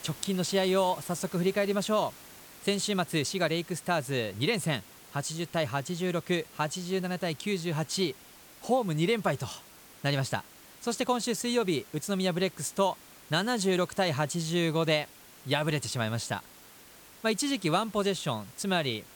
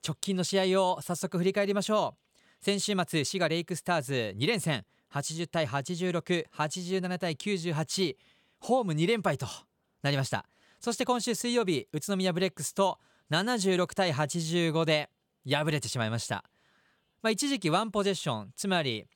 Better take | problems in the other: second | hiss; noticeable; throughout; 20 dB below the speech

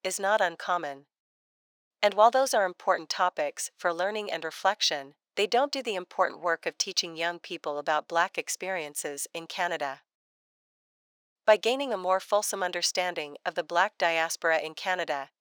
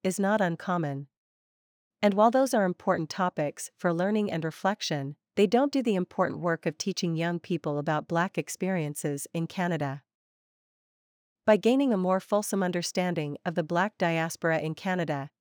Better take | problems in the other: second | thin; very; fading below 700 Hz

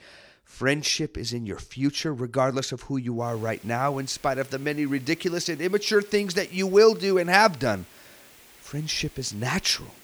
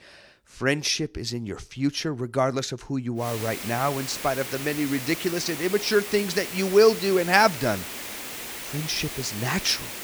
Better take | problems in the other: first | hiss; loud; from 3 s on; 8 dB below the speech; faint in the first

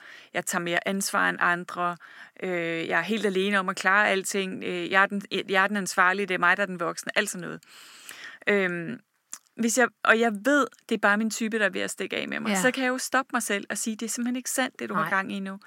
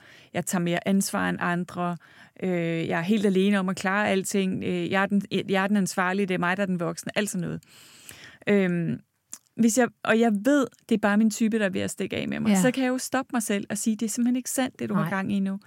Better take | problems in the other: second | thin; somewhat; fading below 300 Hz

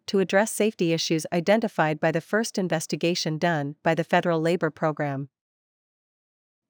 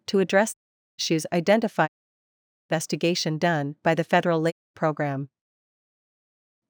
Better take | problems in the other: first | audio cutting out; at 0.5 s, at 2 s for 1 s and at 4.5 s

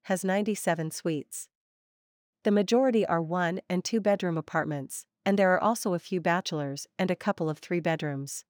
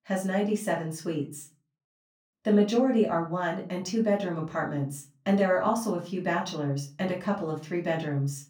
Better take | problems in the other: first | off-mic speech; far // room echo; slight; dies away in 0.3 s

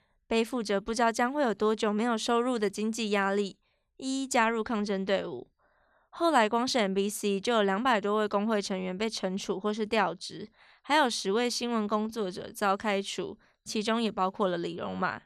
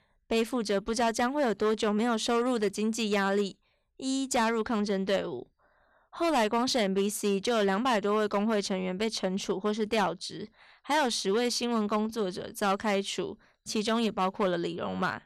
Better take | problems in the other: first | distortion; slight; 6% of the sound clipped

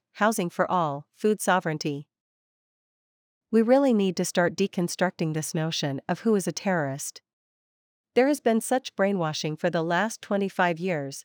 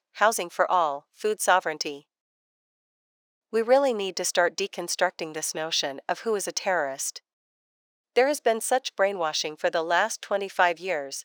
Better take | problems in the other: first | thin; very; fading below 600 Hz

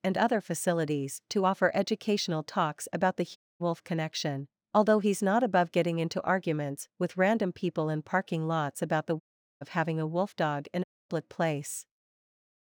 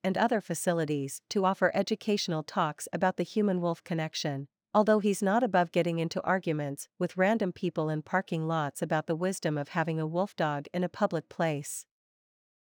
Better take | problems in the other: second | audio cutting out; at 3.5 s, at 9 s and at 11 s

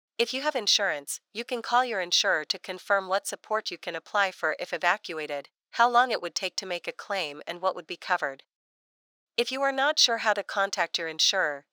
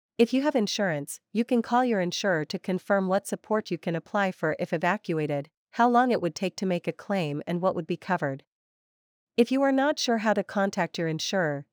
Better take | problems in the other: second | thin; very; fading below 650 Hz

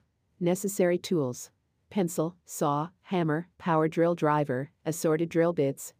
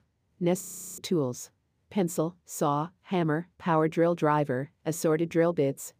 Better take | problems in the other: first | audio freezing; at 0.5 s

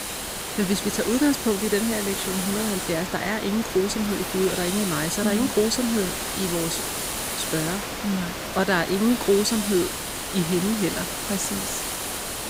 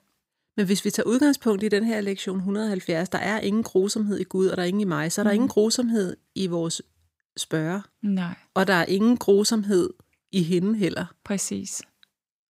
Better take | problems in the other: second | hiss; loud; throughout; 3 dB below the speech

